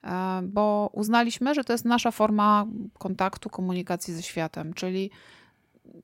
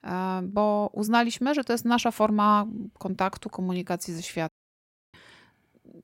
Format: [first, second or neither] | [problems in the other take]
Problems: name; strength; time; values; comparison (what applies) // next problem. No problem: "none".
first | audio cutting out; at 4.5 s for 0.5 s